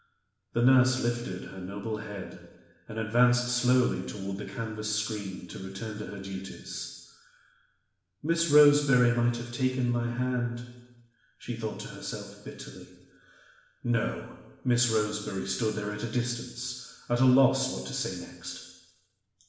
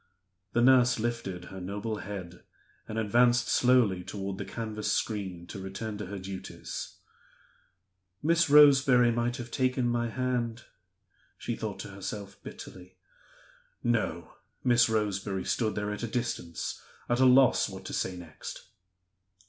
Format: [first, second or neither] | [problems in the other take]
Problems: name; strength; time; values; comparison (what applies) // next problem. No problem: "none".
second | room echo; dies away in 0.9 s